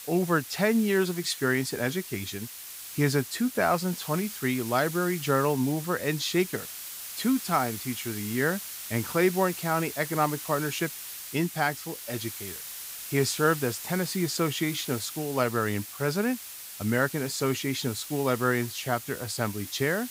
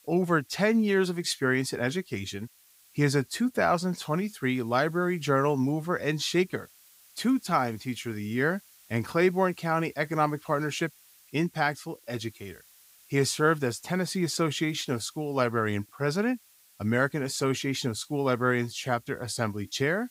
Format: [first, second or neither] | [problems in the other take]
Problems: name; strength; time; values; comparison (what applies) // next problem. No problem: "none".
second | hiss; loud; throughout; 9 dB below the speech; faint in the second